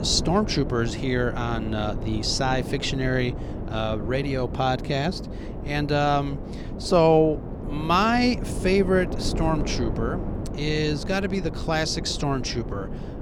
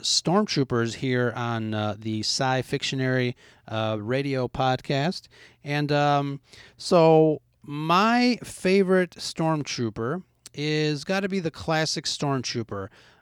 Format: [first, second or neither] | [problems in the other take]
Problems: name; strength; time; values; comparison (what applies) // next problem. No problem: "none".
second | wind noise on the microphone; occasional gusts; 10 dB below the speech